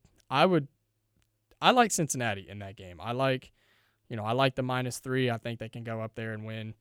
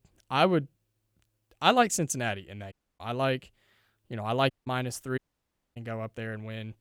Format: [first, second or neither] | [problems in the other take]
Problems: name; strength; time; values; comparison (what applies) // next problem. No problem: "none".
first | audio cutting out; at 2.5 s, at 4.5 s and at 5 s for 0.5 s